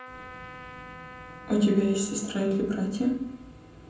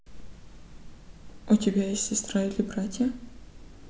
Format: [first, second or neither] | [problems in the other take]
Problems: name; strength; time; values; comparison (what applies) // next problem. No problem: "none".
second | background sound (Trumpet); 18 dB below the speech // room echo; dies away in 0.6 s